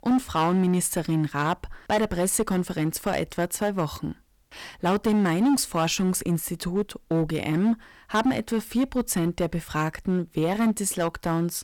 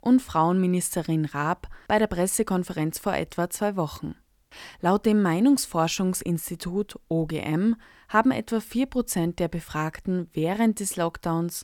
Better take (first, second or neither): second